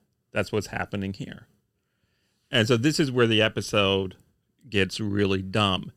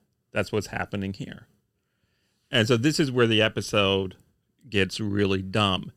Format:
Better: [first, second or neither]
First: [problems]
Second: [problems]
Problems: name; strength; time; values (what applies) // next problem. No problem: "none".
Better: neither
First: none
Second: none